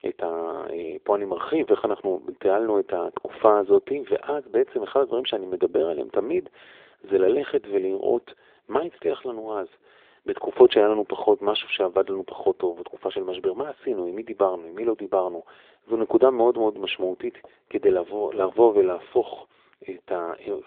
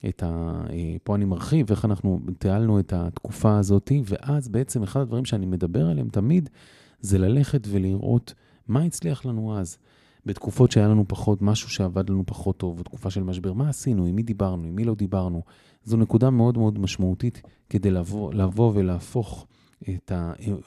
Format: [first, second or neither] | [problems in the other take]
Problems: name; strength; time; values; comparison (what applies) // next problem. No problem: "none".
second | phone-call audio; nothing above 3.5 kHz